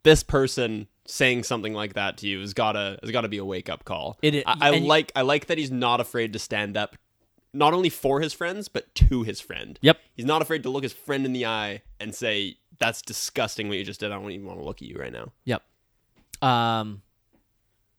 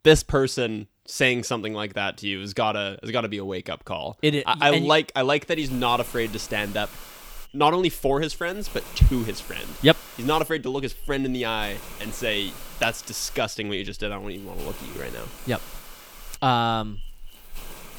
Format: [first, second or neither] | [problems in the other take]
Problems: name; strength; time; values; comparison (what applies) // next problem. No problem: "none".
first | hiss; noticeable; from 5.5 s on; 15 dB below the speech